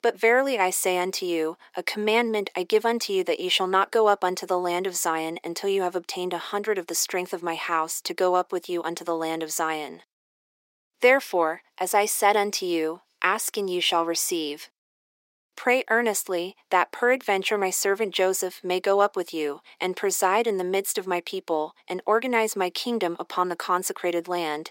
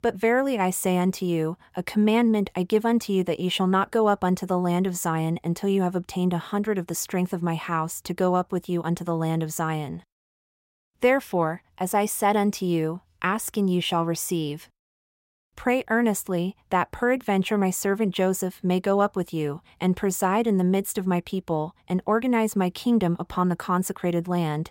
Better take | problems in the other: second | thin; somewhat; fading below 300 Hz

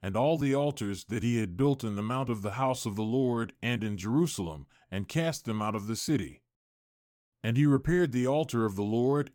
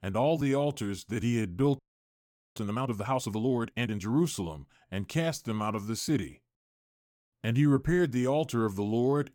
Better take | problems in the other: first | audio freezing; at 2 s for 1 s

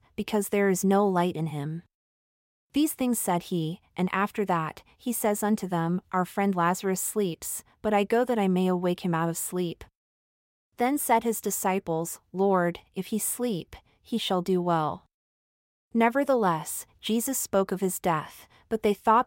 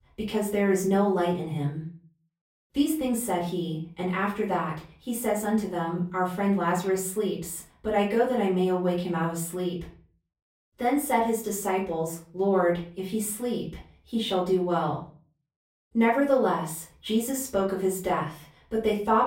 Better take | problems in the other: first | off-mic speech; far // room echo; slight; dies away in 0.4 s

